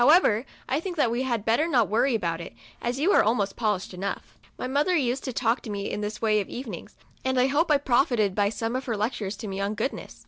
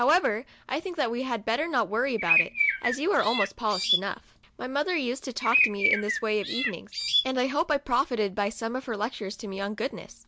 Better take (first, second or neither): first